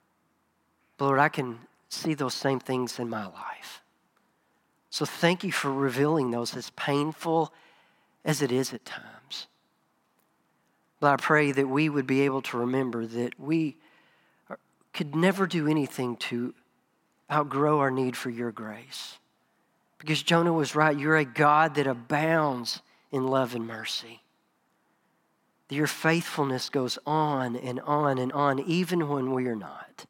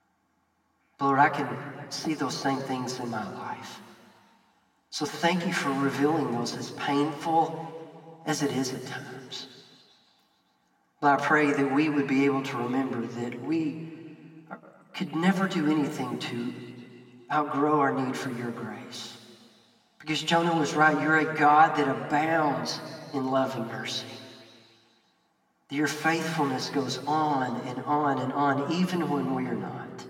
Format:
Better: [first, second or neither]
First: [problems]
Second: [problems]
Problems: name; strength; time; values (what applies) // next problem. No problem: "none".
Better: first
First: none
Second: room echo; noticeable; dies away in 2.1 s // off-mic speech; far